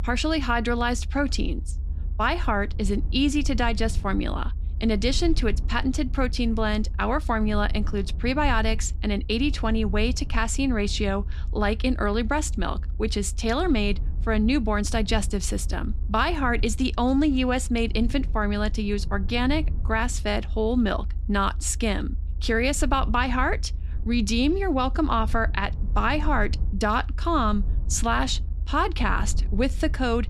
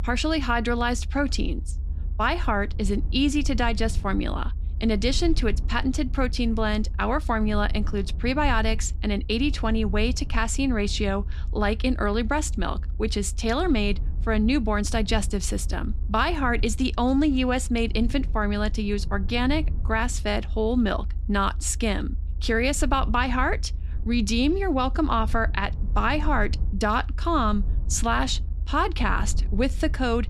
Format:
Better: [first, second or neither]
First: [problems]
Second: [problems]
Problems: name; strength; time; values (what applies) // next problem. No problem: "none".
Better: neither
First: low rumble; faint; throughout; 25 dB below the speech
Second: low rumble; faint; throughout; 25 dB below the speech